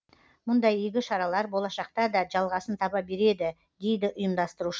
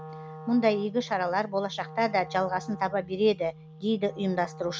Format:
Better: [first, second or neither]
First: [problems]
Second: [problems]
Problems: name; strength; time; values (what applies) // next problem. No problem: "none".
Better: first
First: none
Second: background sound (Wind instrument, woodwind instrument); 16 dB below the speech